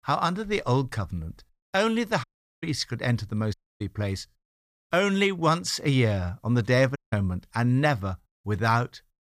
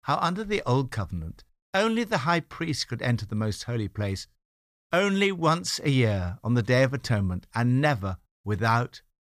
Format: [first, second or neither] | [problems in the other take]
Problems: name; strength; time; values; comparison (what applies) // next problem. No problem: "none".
second | audio cutting out; at 2 s, at 3.5 s and at 7 s